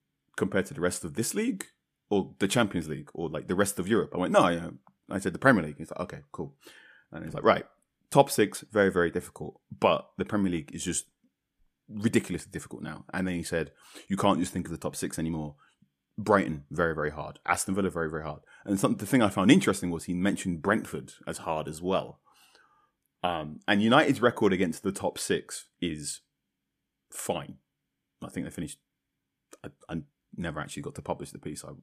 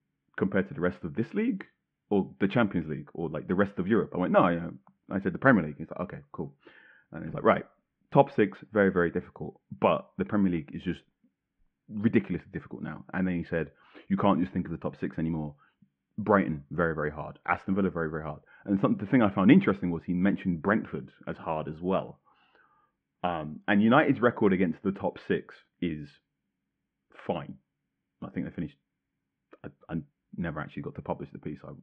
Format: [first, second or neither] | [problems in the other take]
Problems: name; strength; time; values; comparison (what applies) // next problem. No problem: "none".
first | muffled; very; fading above 2.5 kHz